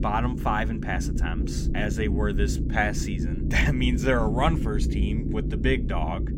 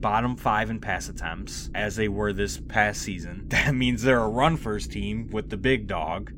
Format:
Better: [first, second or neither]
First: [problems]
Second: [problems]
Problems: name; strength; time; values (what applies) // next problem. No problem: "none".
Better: second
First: low rumble; loud; throughout; 9 dB below the speech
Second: low rumble; faint; throughout; 25 dB below the speech